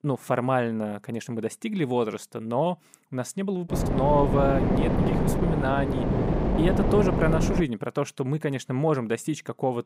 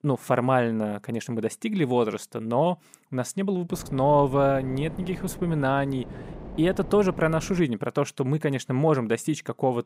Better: second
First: wind noise on the microphone; heavy; from 3.5 to 7.5 s; 2 dB below the speech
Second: wind noise on the microphone; occasional gusts; from 3.5 to 7.5 s; 20 dB below the speech

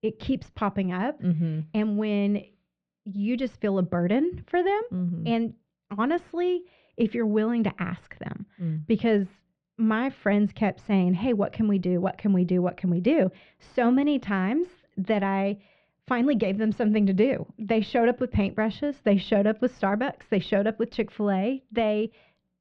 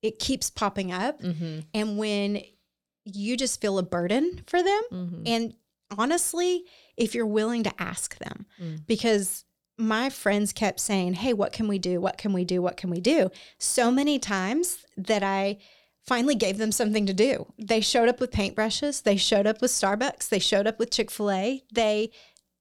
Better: second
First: muffled; very; fading above 2.5 kHz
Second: none

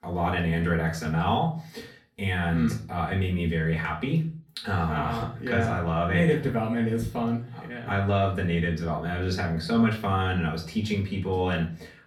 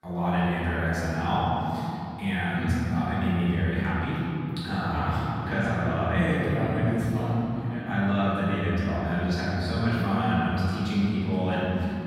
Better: first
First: room echo; slight; dies away in 0.3 s // off-mic speech; far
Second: room echo; strong; dies away in 3 s // off-mic speech; far

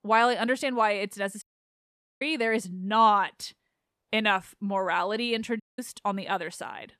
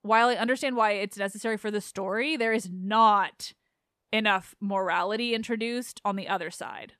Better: second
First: audio cutting out; at 1.5 s for 1 s and at 5.5 s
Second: none

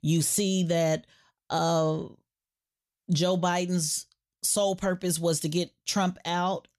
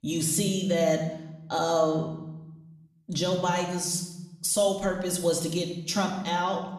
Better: first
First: none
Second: room echo; slight; dies away in 0.8 s // off-mic speech; somewhat distant

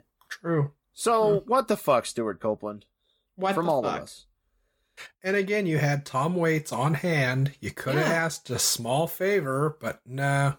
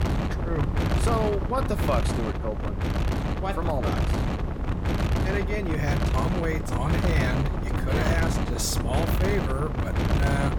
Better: first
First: none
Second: wind noise on the microphone; heavy; 1 dB below the speech

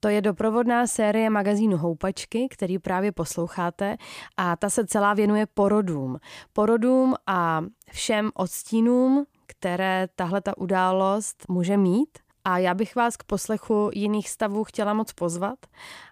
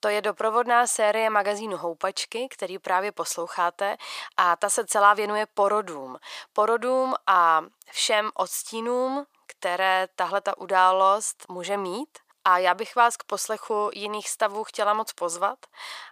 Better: first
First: none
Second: thin; very; fading below 700 Hz

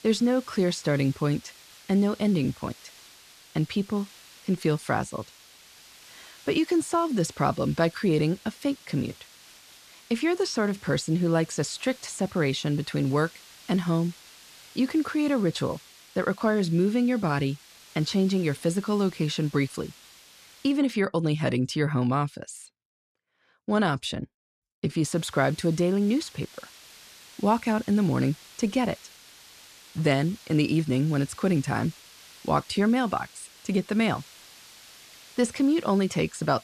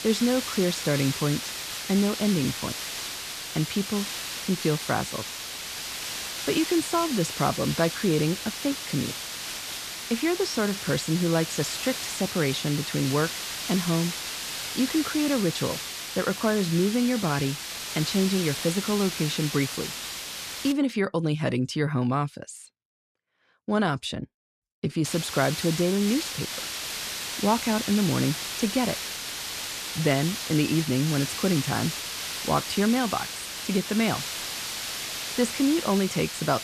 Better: first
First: hiss; faint; until 21 s and from 25 s on; 20 dB below the speech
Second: hiss; loud; until 21 s and from 25 s on; 5 dB below the speech

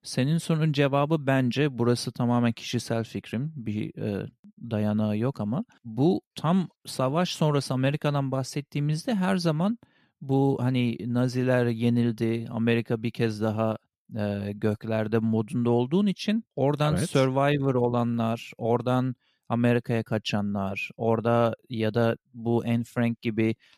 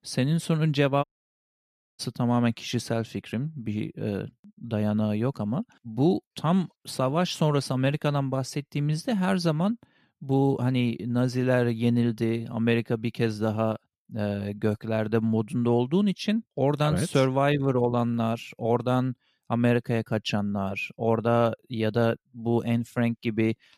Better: first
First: none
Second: audio cutting out; at 1 s for 1 s

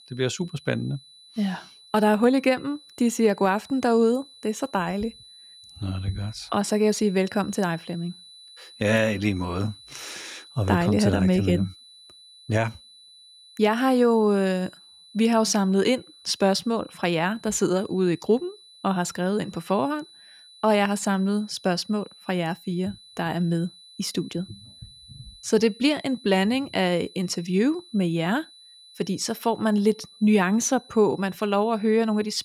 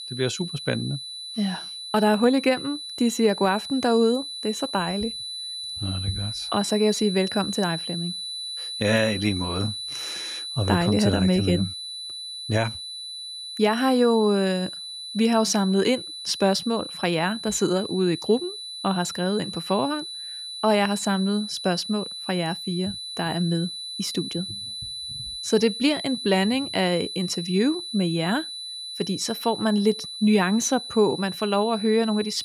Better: first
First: high-pitched whine; faint; throughout; 4 kHz, 25 dB below the speech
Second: high-pitched whine; loud; throughout; 4 kHz, 8 dB below the speech

